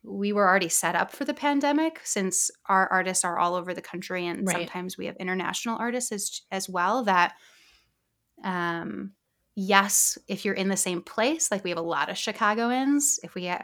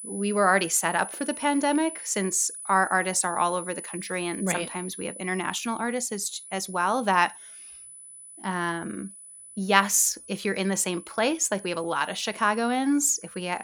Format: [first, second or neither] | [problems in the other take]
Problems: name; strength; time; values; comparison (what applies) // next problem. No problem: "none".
first | high-pitched whine; noticeable; throughout; 10 kHz, 15 dB below the speech